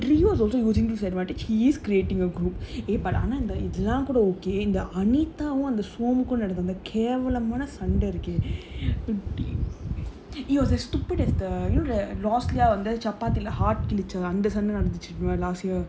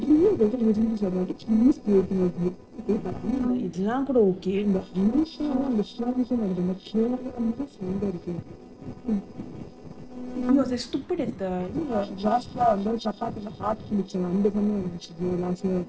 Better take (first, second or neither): first